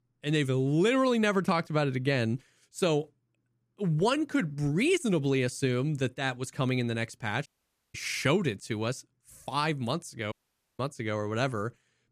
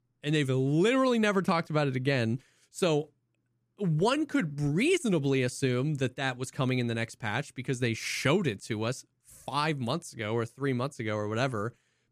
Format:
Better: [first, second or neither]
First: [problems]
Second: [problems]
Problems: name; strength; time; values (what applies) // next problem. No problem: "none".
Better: second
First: audio cutting out; at 7.5 s and at 10 s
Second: none